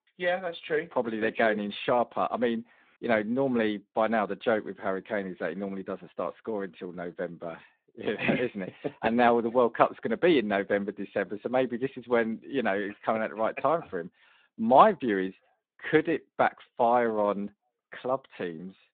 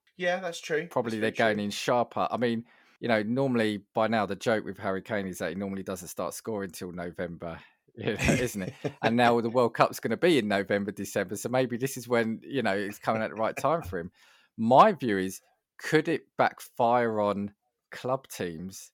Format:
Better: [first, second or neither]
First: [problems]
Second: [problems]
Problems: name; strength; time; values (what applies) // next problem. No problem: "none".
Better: second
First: phone-call audio; nothing above 3.5 kHz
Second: none